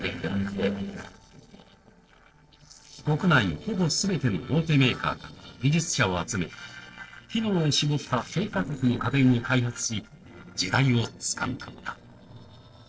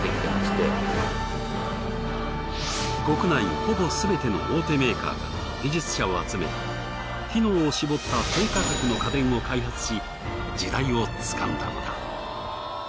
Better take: second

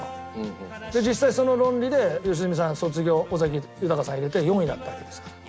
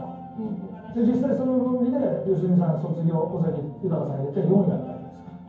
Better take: first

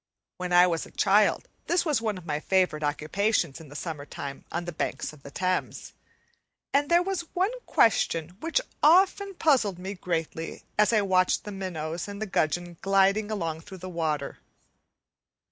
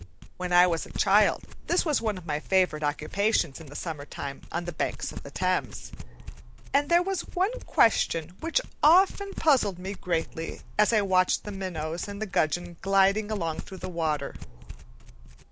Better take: first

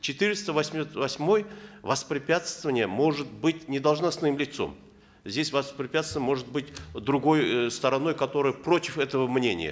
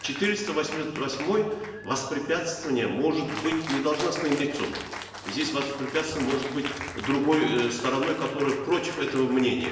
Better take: first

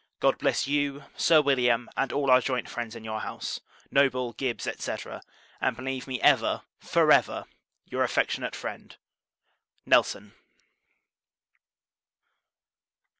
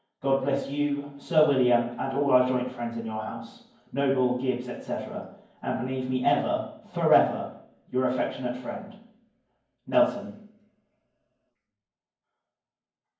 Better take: first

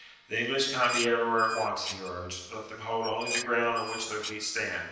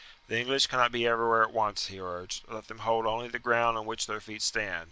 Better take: second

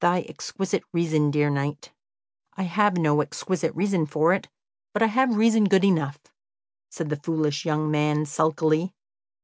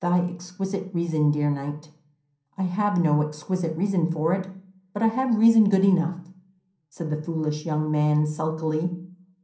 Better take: first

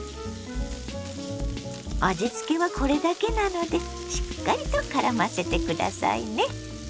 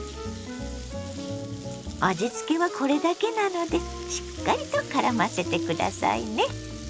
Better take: second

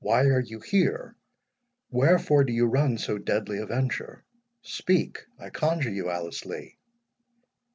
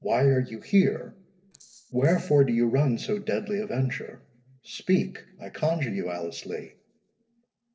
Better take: first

